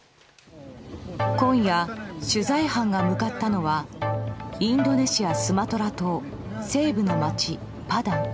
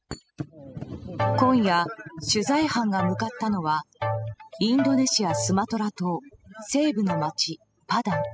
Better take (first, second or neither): first